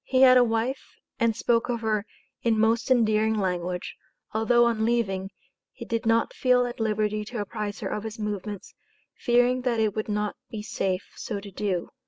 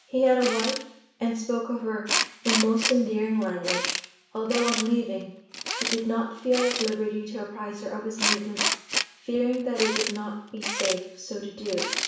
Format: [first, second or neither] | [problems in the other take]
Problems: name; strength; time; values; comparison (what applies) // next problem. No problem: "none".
first | background sound (Tools); 4 dB below the speech // room echo; dies away in 0.7 s